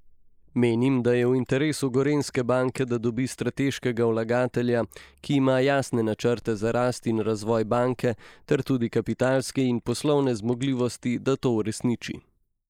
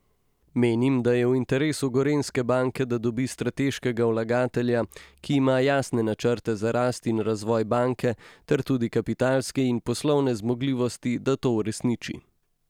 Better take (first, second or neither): second